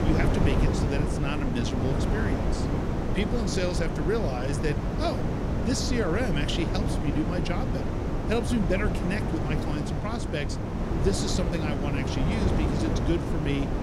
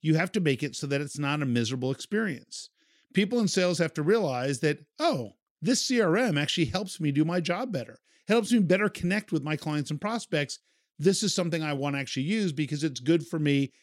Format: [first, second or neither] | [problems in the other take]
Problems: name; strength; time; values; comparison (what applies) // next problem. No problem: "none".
second | wind noise on the microphone; heavy; 1 dB below the speech